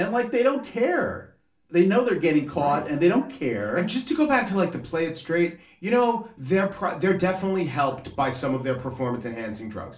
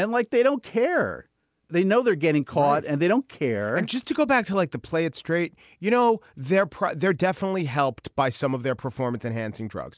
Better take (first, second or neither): second